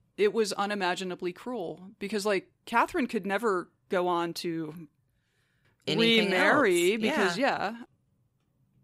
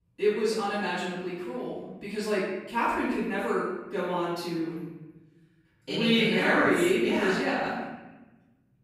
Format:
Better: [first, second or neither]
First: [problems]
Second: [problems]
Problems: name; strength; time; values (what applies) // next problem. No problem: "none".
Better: first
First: none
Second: off-mic speech; far // room echo; strong; dies away in 1.1 s